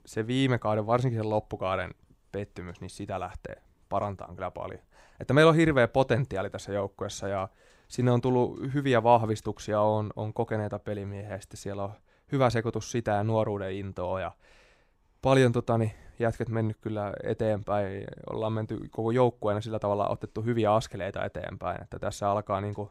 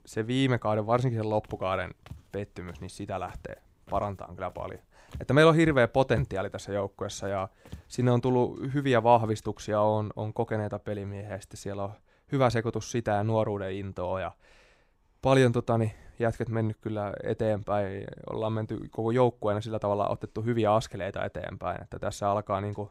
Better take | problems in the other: first | footsteps; faint; from 1.5 to 8 s; peak 10 dB below the speech

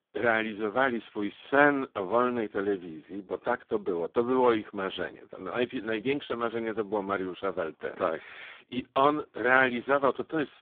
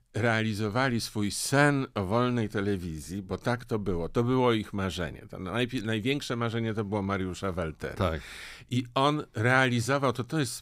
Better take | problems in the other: second | phone-call audio; poor line

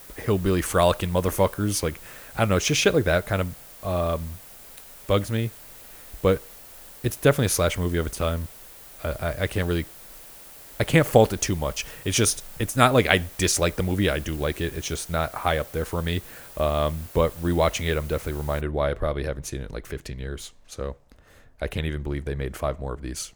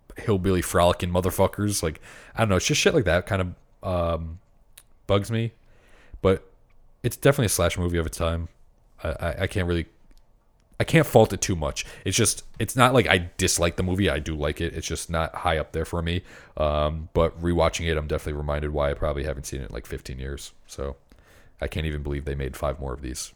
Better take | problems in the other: second | hiss; noticeable; until 19 s; 20 dB below the speech

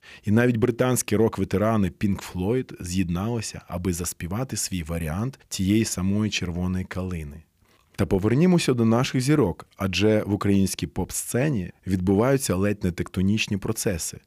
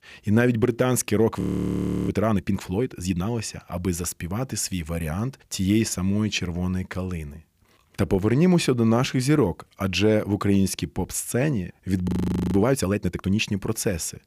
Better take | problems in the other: first | audio freezing; at 1.5 s for 0.5 s and at 12 s

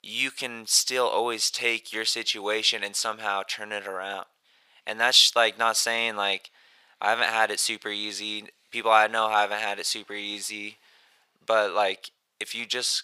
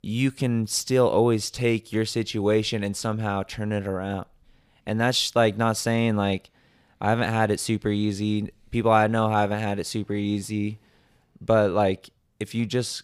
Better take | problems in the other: second | thin; very; fading below 850 Hz

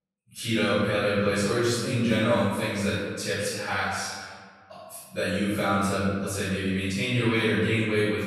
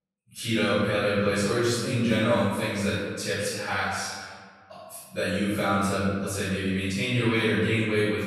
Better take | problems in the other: neither | off-mic speech; far; the same in both // room echo; strong; dies away in 1.7 s; the same in both

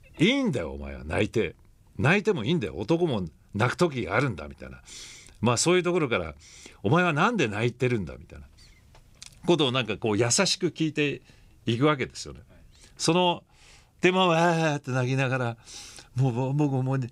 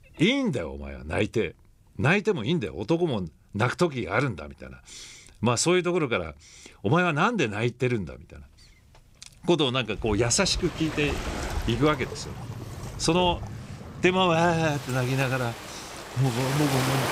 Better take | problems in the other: first | rain or running water; loud; from 10 s on; 9 dB below the speech

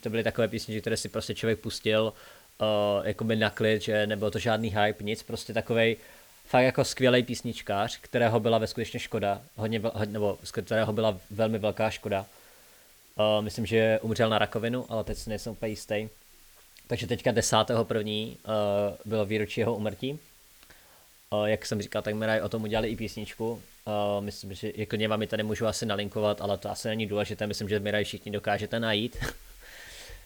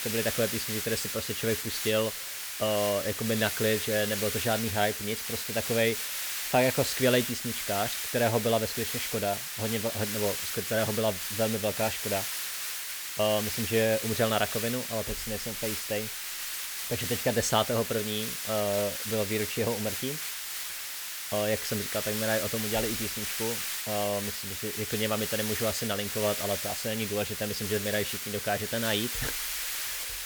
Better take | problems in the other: first | hiss; loud; throughout; 1 dB below the speech; faint in the first

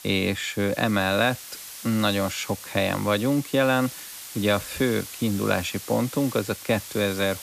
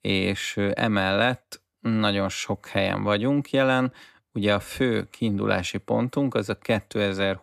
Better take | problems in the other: second | hiss; noticeable; throughout; 10 dB below the speech

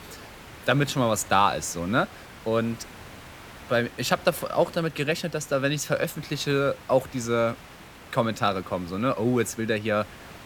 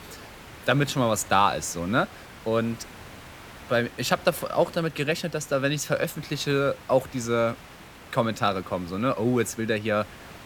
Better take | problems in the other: neither | hiss; noticeable; throughout; 20 dB below the speech; the same in both

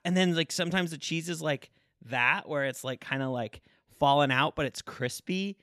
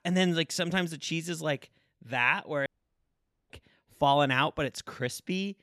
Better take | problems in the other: first | audio cutting out; at 2.5 s for 1 s

